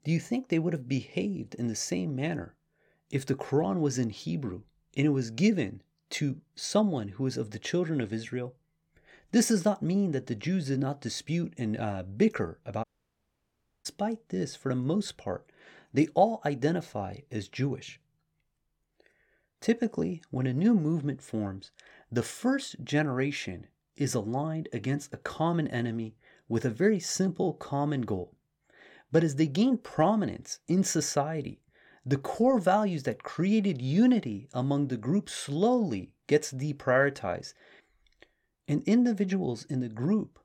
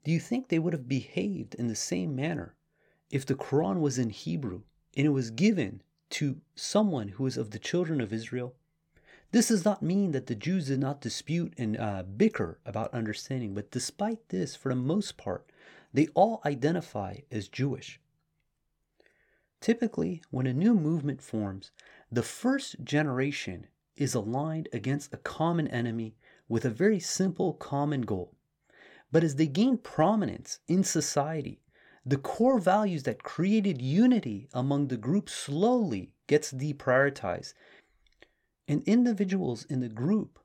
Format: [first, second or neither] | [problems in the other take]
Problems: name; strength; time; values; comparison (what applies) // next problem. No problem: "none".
second | audio cutting out; at 13 s for 1 s